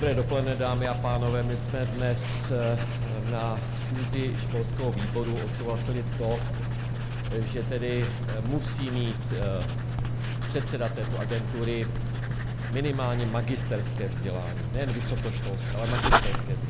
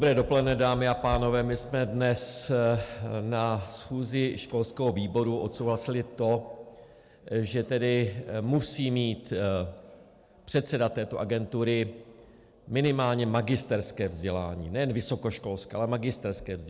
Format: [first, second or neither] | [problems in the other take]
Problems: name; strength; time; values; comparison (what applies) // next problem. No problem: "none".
second | background sound (Writing); 3 dB above the speech